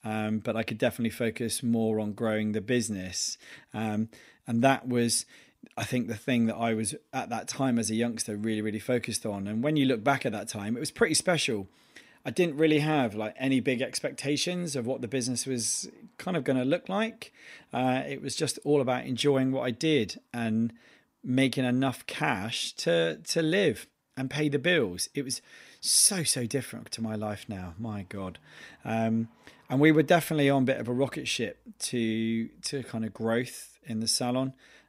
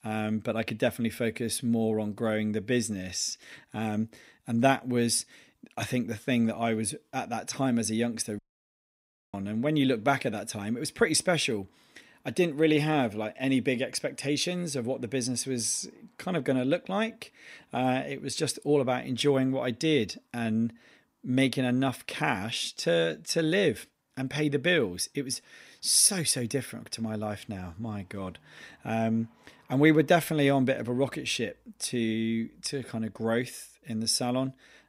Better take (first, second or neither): first